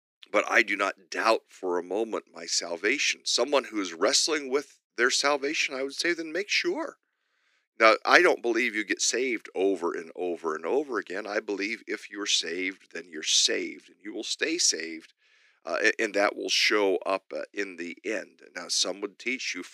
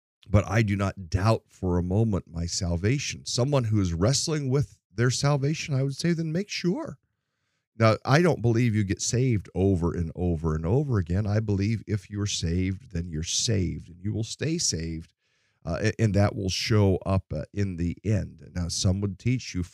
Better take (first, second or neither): second